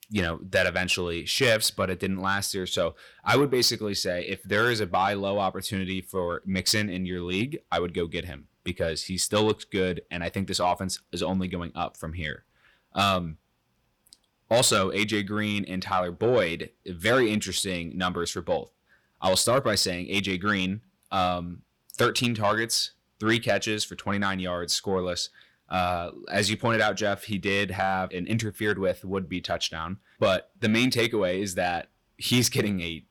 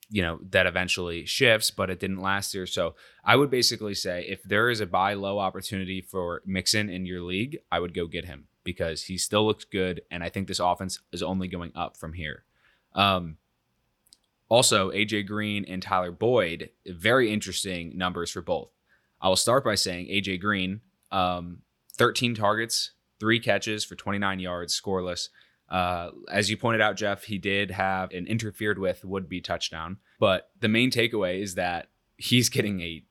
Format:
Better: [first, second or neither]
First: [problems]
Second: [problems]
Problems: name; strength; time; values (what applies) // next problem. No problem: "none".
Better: second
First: distortion; slight; 10 dB below the speech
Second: none